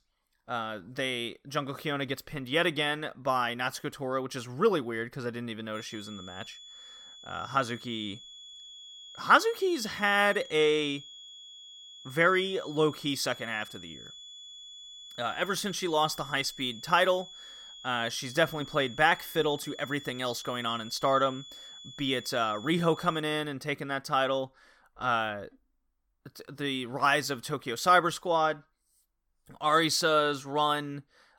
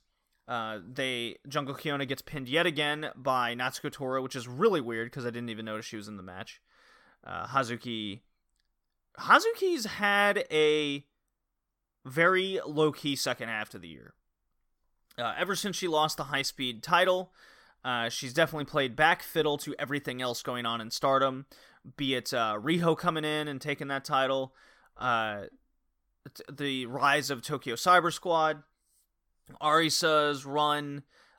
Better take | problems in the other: second | high-pitched whine; noticeable; from 6 to 23 s; 3.5 kHz, 15 dB below the speech

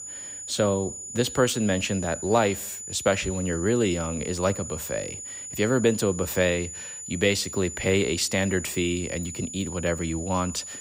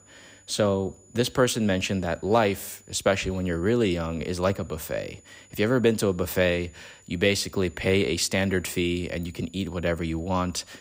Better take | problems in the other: second | high-pitched whine; loud; throughout; 7 kHz, 9 dB below the speech; faint in the second

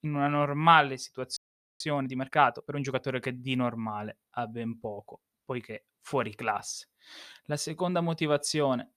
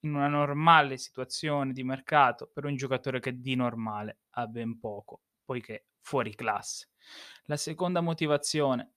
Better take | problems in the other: second | audio freezing; at 1.5 s

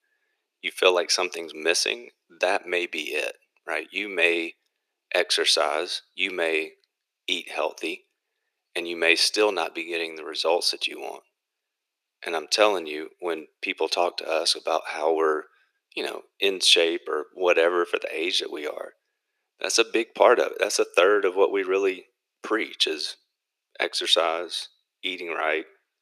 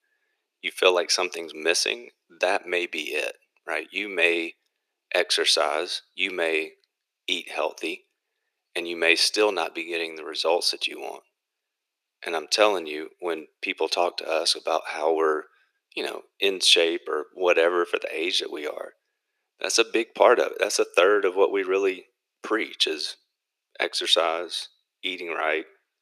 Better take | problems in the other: neither | thin; very; fading below 350 Hz; the same in both

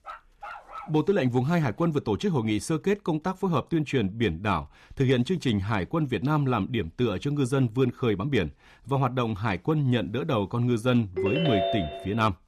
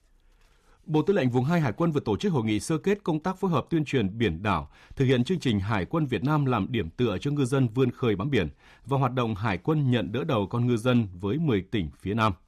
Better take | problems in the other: second | dog barking; faint; at the start; peak 15 dB below the speech // phone ringing; noticeable; from 11 s on; peak level with the speech

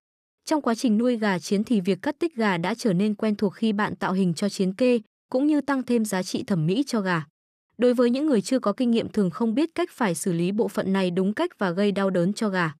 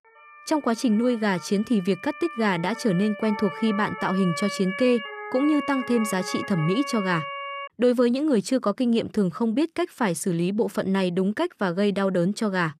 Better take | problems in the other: first | siren; noticeable; until 7.5 s; peak 7 dB below the speech

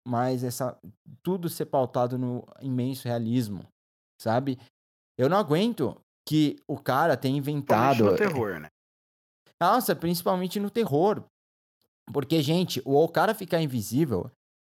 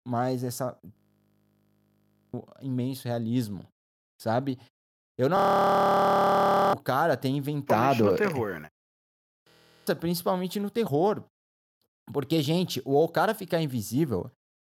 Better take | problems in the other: first | audio freezing; at 1 s for 1.5 s, at 5.5 s for 1.5 s and at 9.5 s

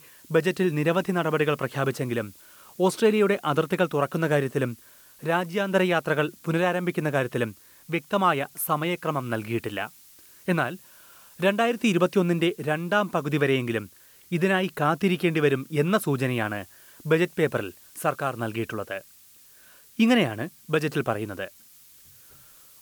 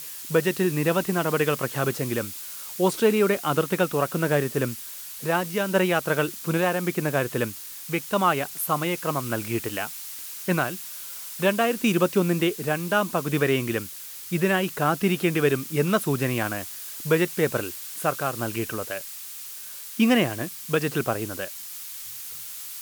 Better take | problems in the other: first | hiss; loud; throughout; 9 dB below the speech; faint in the first

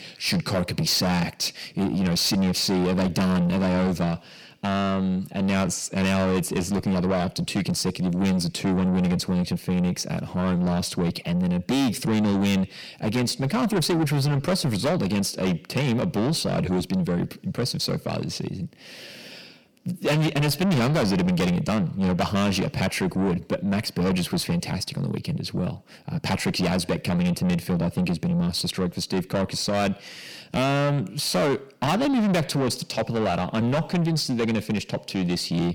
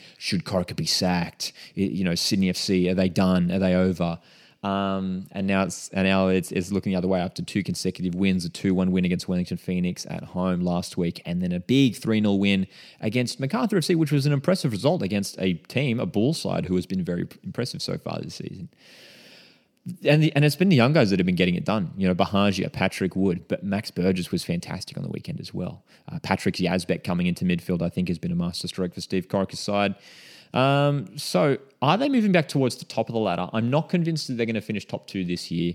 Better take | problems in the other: second | distortion; heavy; 6 dB below the speech

